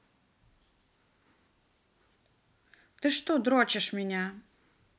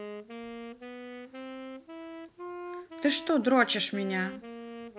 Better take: first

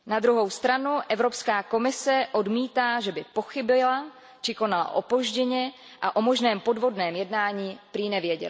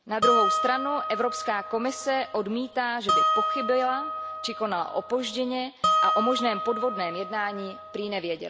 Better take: first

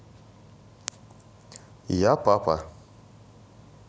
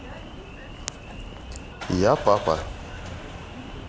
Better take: first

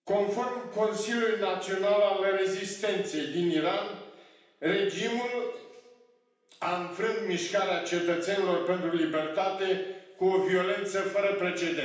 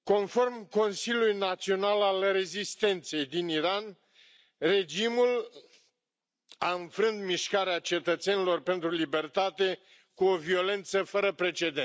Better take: second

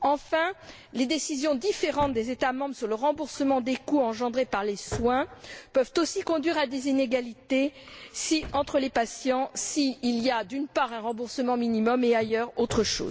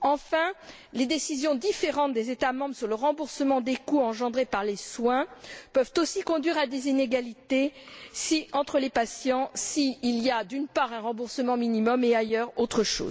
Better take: second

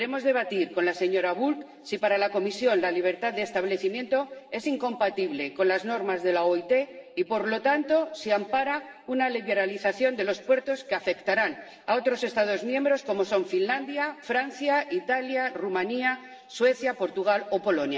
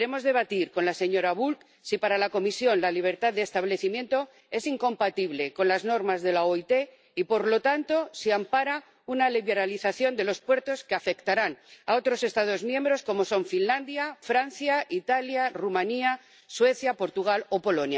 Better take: second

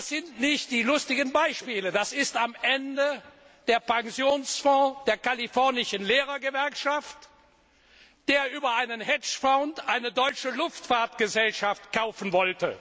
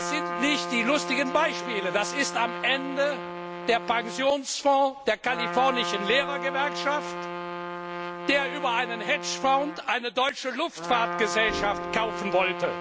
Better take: first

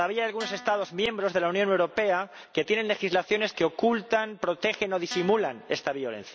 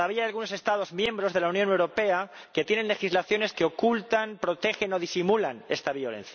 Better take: second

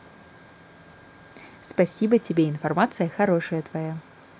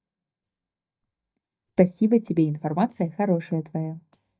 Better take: first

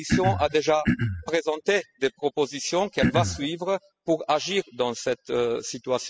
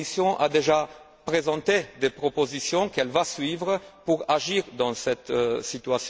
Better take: second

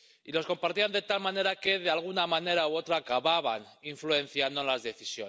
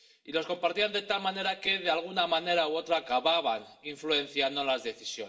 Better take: first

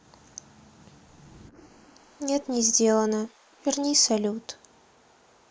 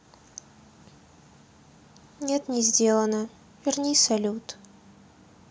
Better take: second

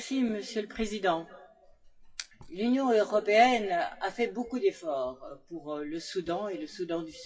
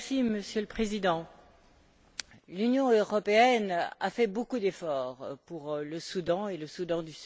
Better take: second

